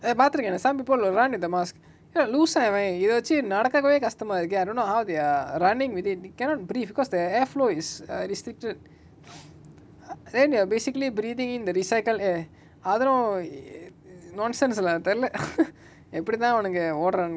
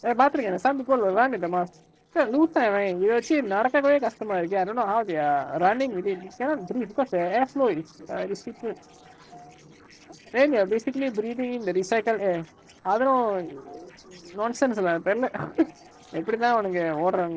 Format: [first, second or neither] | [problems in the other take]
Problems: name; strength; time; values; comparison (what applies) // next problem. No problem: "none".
first | noise reduction (neural separator model SepFormer DNS4)